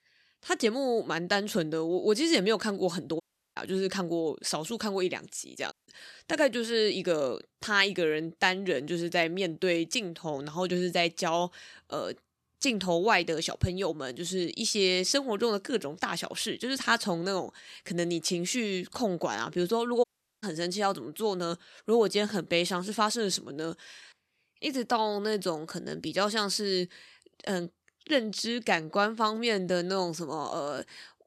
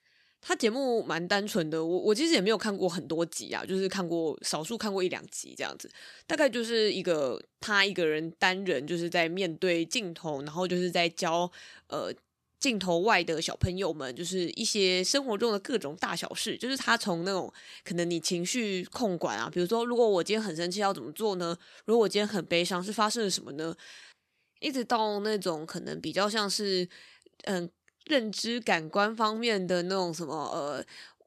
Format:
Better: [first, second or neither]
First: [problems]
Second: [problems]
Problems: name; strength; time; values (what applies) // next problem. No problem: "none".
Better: second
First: audio cutting out; at 3 s, at 5.5 s and at 20 s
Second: none